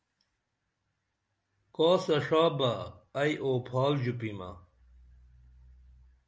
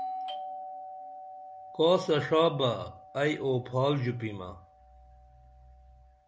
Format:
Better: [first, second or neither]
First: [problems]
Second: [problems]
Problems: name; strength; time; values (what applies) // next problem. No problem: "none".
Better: first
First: none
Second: background sound (Doorbell); 13 dB below the speech